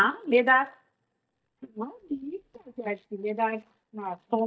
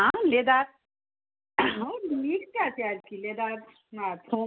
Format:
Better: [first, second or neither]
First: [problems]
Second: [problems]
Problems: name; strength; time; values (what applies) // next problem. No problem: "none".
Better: second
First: noise reduction (neural mask model DeepFilterNet 3)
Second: none